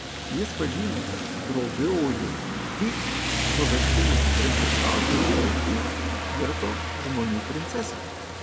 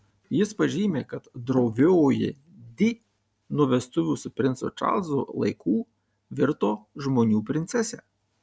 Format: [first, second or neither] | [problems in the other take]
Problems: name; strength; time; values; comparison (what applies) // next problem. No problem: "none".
second | background sound (Rain); 5 dB above the speech